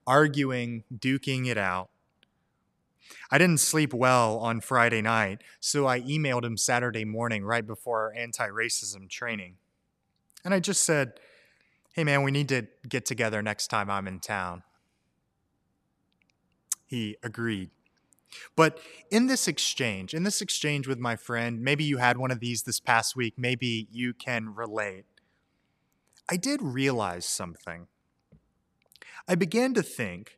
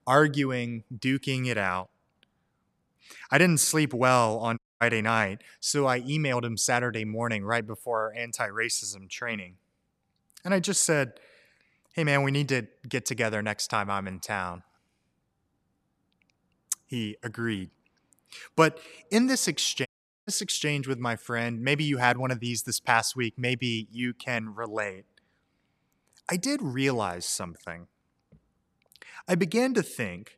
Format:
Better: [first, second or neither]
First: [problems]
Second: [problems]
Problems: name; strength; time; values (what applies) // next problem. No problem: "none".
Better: first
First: none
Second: audio cutting out; at 4.5 s and at 20 s